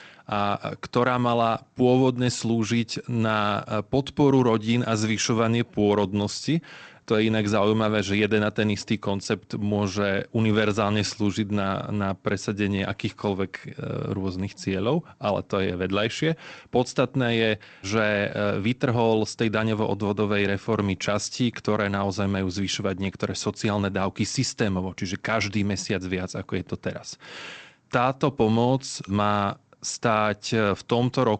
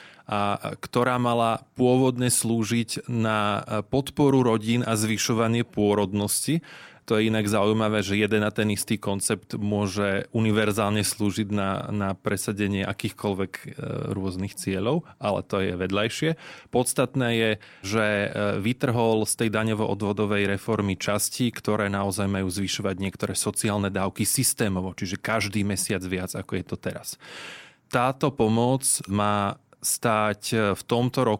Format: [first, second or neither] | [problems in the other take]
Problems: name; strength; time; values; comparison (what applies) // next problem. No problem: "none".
second | garbled, watery; slightly; nothing above 8 kHz